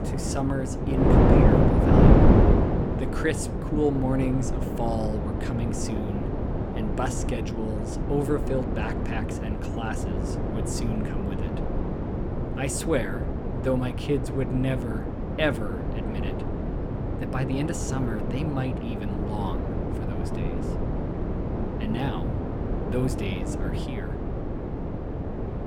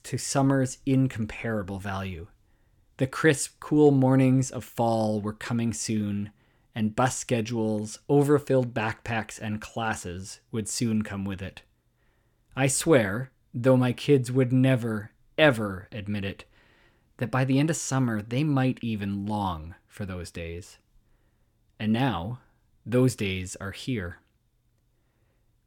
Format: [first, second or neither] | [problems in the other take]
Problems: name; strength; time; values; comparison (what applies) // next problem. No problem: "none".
second | wind noise on the microphone; heavy; 1 dB above the speech